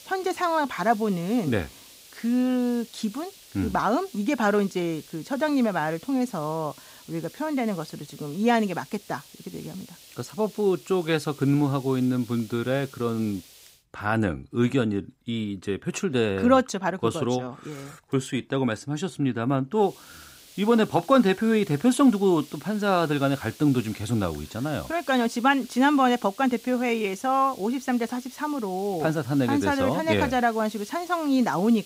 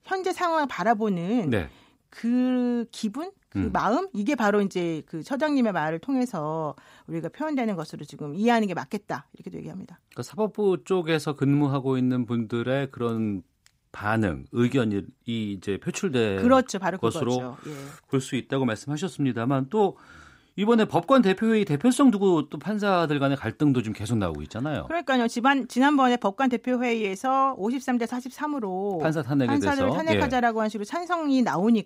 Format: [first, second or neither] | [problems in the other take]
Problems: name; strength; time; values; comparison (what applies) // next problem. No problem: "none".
second | hiss; faint; until 14 s and from 20 s on; 20 dB below the speech